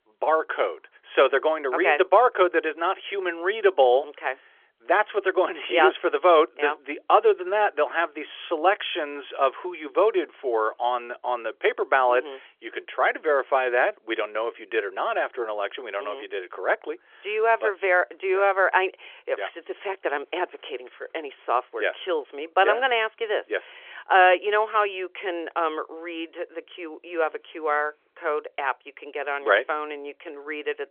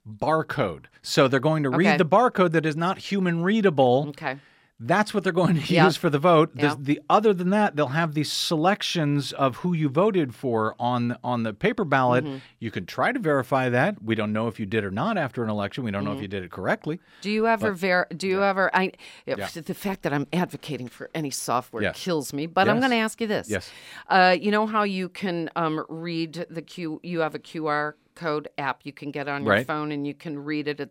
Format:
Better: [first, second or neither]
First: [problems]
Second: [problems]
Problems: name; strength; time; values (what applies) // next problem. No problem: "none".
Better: second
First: phone-call audio; nothing above 3.5 kHz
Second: none